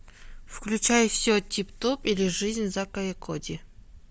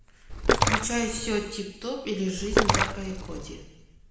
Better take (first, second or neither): first